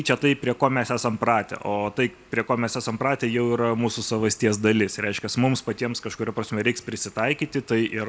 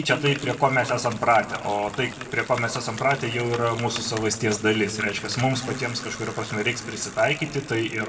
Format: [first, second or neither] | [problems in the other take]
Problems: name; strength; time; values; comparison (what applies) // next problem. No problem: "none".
first | background sound (Bicycle); 15 dB below the speech // room echo; dies away in 1.1 s